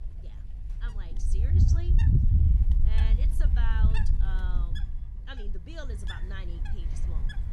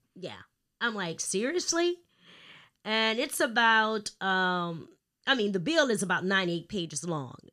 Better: second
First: wind noise on the microphone; heavy; 2 dB above the speech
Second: none

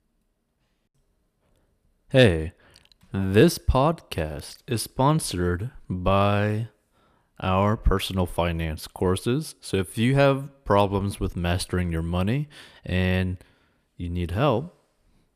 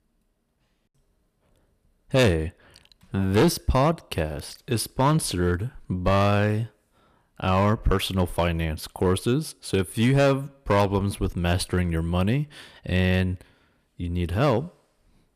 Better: first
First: none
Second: distortion; slight; 3% of the sound clipped

